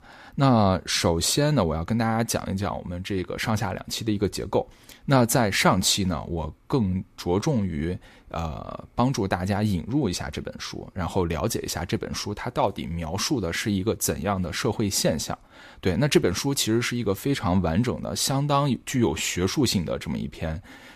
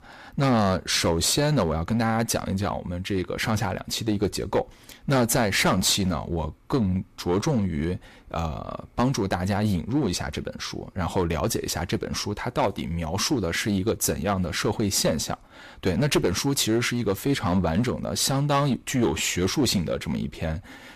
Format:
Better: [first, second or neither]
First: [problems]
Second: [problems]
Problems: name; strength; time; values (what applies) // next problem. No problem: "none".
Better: first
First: none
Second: distortion; slight; 6% of the sound clipped